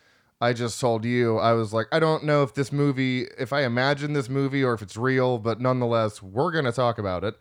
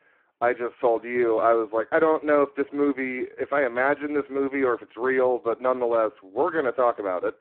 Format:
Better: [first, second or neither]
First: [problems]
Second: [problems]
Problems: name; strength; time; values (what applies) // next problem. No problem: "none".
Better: first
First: none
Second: phone-call audio; poor line